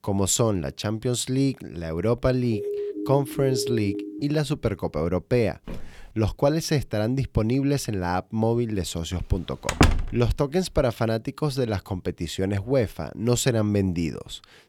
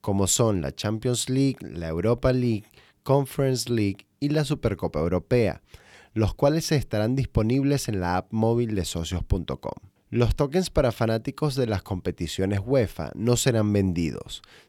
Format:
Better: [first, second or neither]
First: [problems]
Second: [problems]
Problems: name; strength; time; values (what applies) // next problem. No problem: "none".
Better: second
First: siren; noticeable; from 2.5 to 4 s; peak 4 dB below the speech // footsteps; faint; at 5.5 s; peak 15 dB below the speech // door banging; loud; at 9.5 s; peak 4 dB above the speech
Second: none